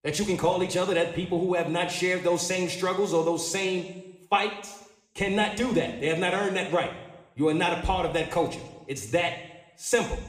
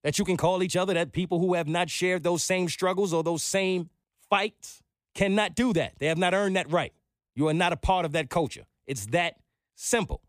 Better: second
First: room echo; slight; dies away in 0.8 s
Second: none

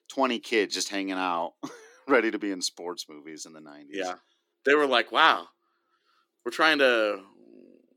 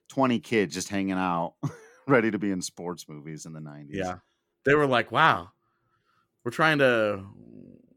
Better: second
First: thin; very slightly; fading below 300 Hz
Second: none

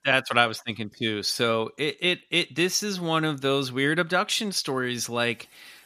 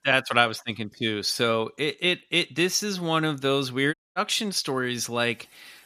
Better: first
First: none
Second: audio cutting out; at 4 s

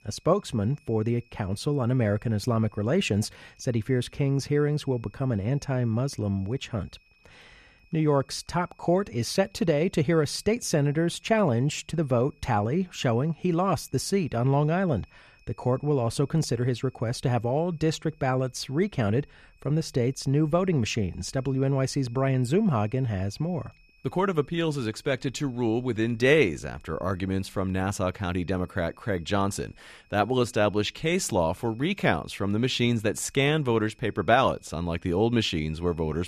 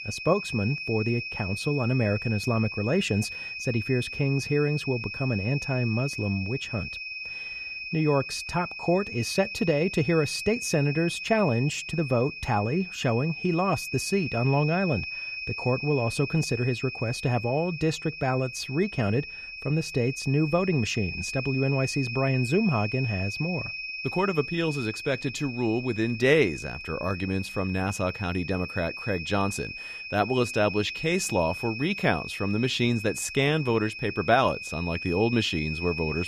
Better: first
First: high-pitched whine; faint; throughout; 2.5 kHz, 35 dB below the speech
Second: high-pitched whine; loud; throughout; 2.5 kHz, 7 dB below the speech

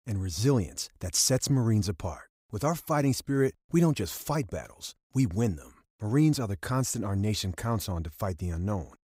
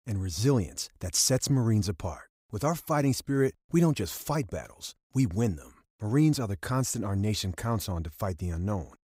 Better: neither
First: none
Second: none

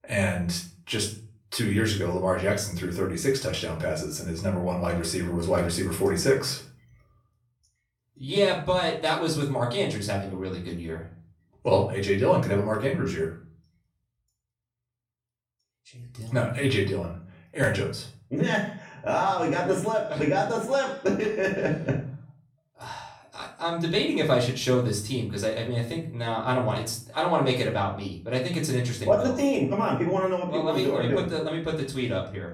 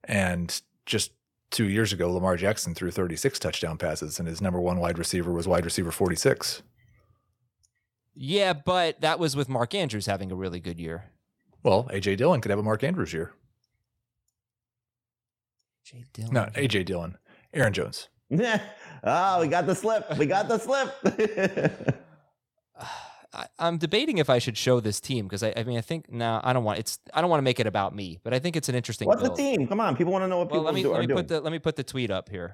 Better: second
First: off-mic speech; far // room echo; slight; dies away in 0.4 s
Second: none

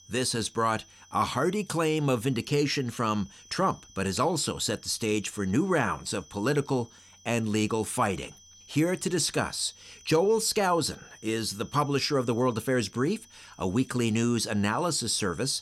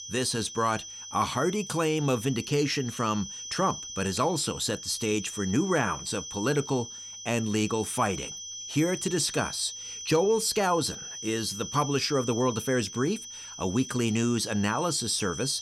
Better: first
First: high-pitched whine; faint; throughout; 6 kHz, 25 dB below the speech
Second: high-pitched whine; loud; throughout; 6 kHz, 9 dB below the speech

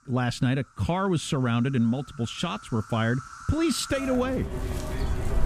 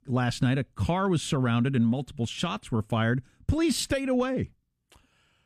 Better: second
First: animal sounds; loud; throughout; 9 dB below the speech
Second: none

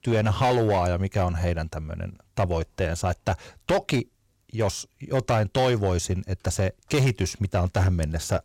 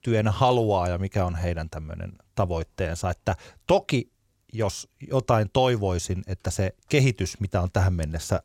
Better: second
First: distortion; slight; 8% of the sound clipped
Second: none

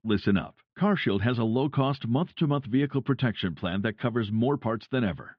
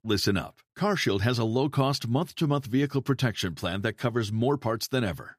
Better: second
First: muffled; very; fading above 3.5 kHz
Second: none

